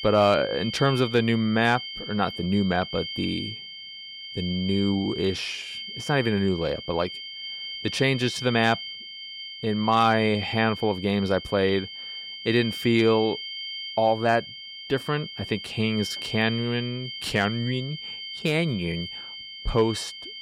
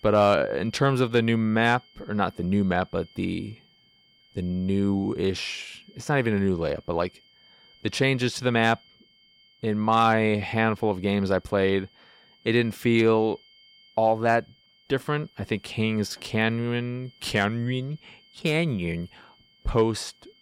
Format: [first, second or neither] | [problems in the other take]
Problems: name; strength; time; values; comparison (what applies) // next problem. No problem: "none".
second | high-pitched whine; loud; throughout; 3 kHz, 9 dB below the speech; faint in the second